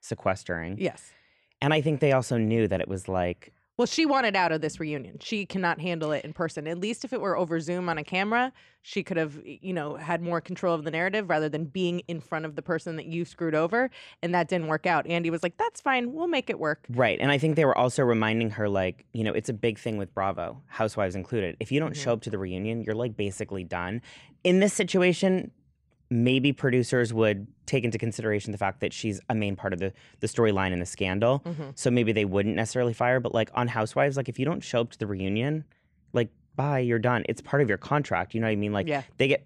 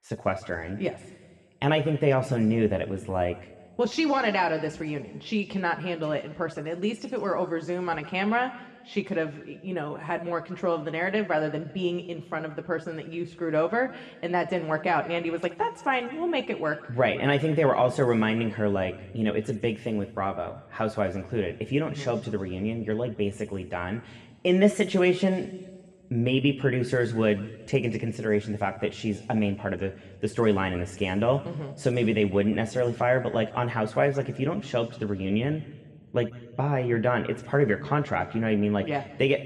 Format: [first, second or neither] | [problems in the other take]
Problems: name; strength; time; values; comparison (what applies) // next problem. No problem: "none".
first | room echo; slight; dies away in 1.3 s